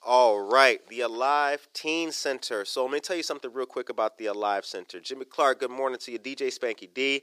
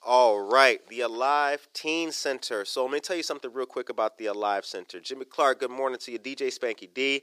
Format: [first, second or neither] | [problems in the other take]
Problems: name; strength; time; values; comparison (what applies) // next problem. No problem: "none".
neither | thin; somewhat; fading below 350 Hz; the same in both